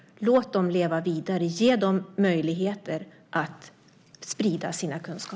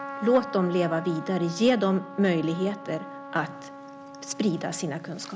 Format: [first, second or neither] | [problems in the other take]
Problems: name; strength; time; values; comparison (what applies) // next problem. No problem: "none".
first | background sound (Trumpet); 13 dB below the speech